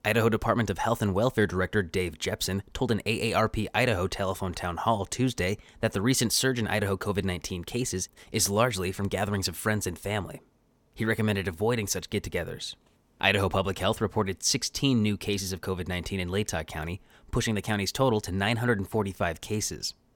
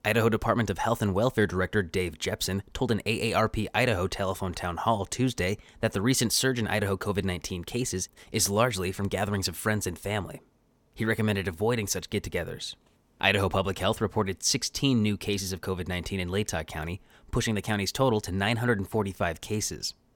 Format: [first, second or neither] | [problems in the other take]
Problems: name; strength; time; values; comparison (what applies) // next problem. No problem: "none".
neither | none